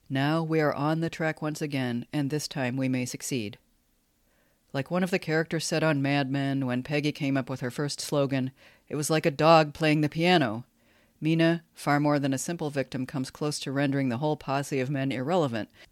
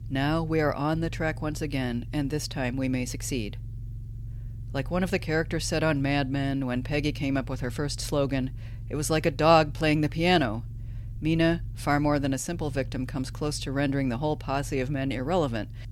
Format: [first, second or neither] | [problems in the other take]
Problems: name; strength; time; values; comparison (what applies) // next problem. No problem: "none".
first | low rumble; faint; throughout; 25 dB below the speech